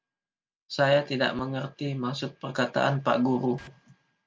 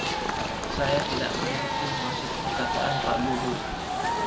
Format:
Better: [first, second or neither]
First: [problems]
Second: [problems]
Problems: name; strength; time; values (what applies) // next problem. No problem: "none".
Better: first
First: none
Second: background sound (Crowd / Cheering + Purr); 4 dB above the speech